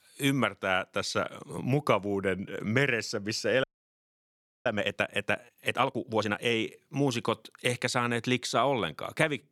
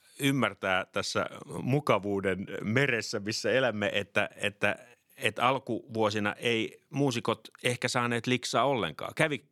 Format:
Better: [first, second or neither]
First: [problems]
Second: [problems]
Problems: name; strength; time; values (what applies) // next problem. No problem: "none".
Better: second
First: audio freezing; at 3.5 s for 1 s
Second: none